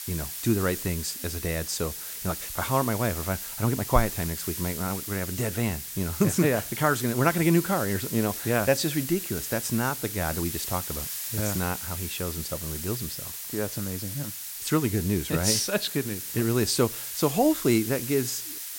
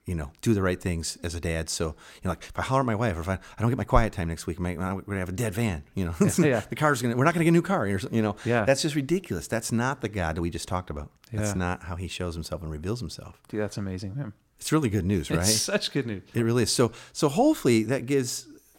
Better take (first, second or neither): second